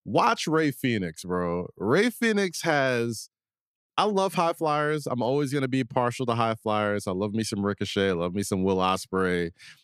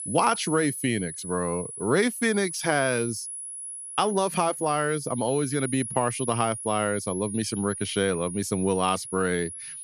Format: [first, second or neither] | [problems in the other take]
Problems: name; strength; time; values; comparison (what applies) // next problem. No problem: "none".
first | high-pitched whine; loud; throughout; 10.5 kHz, 8 dB below the speech